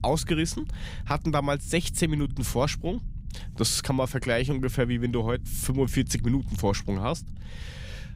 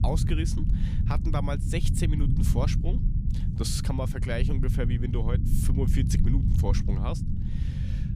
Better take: first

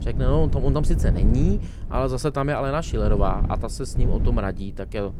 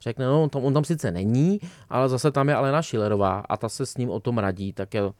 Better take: second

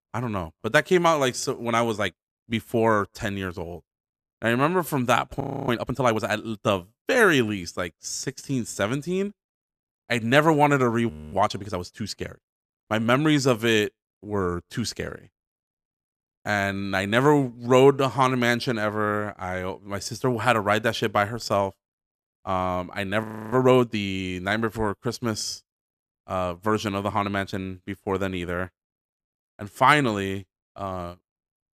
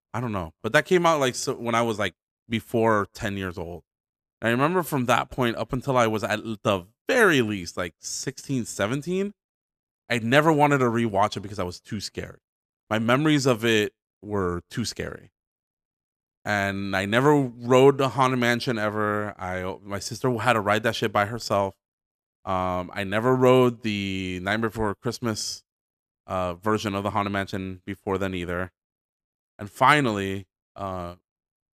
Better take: second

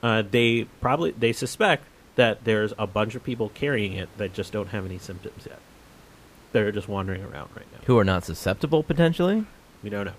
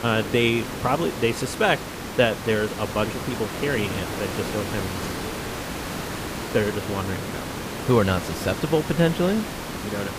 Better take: first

